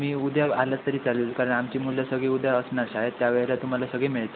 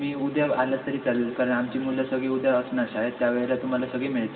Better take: first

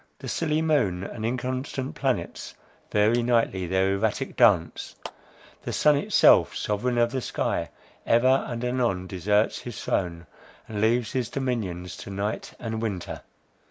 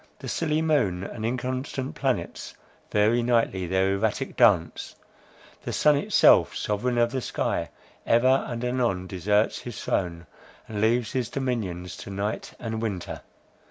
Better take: second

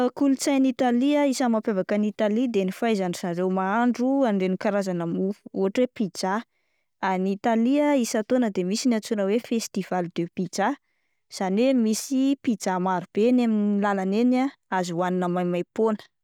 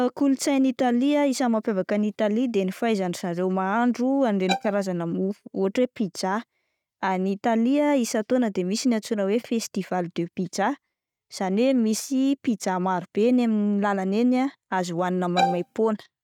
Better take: first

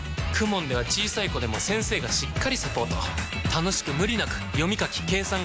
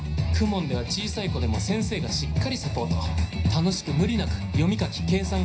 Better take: first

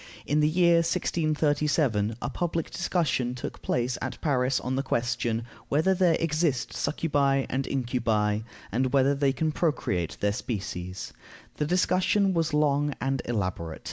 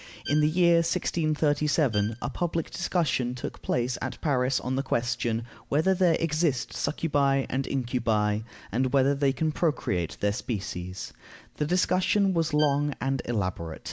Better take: first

